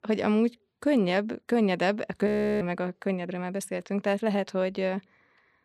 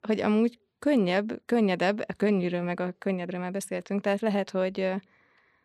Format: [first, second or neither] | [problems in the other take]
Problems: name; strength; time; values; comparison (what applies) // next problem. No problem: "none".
second | audio freezing; at 2.5 s